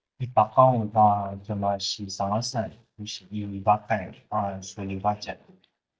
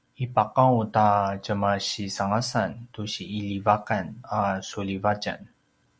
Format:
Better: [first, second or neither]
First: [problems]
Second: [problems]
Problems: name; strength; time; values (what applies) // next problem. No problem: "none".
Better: second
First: noise reduction (neural mask model DeepFilterNet 3)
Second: none